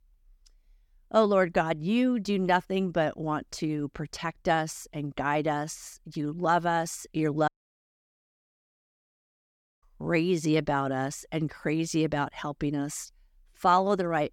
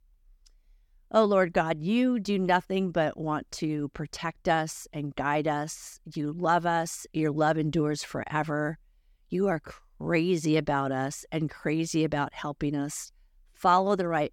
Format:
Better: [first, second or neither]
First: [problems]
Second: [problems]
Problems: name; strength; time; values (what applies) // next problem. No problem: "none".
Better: second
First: audio cutting out; at 7.5 s for 2.5 s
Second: none